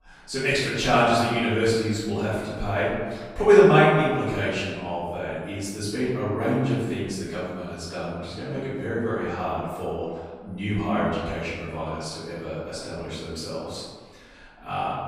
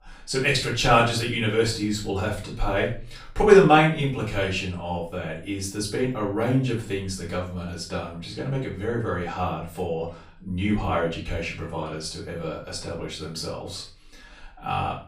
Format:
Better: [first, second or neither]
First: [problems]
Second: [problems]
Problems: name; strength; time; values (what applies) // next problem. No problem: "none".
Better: second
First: room echo; strong; dies away in 1.3 s // off-mic speech; far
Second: room echo; slight; dies away in 0.4 s // off-mic speech; far